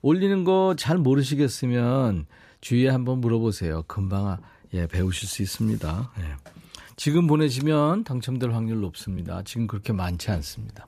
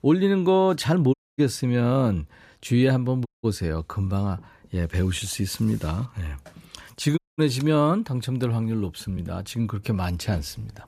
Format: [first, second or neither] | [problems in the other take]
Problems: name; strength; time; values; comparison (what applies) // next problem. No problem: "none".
first | audio cutting out; at 1 s, at 3.5 s and at 7 s